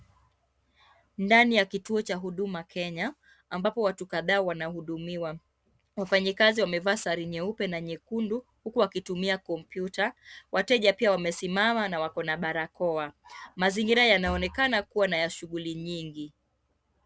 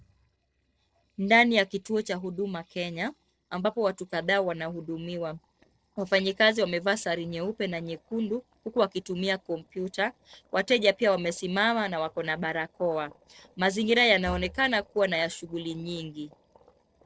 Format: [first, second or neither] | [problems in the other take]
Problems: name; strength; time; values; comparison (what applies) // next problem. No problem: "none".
first | noise reduction (neural separator model SepFormer DNS4)